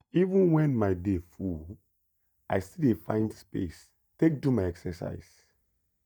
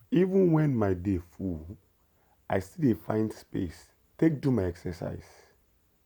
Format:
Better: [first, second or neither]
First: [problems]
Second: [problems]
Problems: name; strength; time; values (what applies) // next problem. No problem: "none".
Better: second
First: noise reduction (neural mask model DeepFilterNet 3)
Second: none